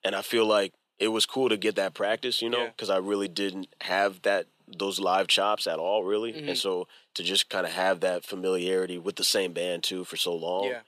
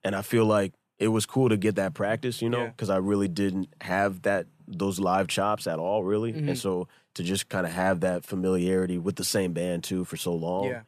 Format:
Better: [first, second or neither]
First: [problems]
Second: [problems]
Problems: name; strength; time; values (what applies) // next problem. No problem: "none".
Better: second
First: thin; somewhat; fading below 400 Hz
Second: none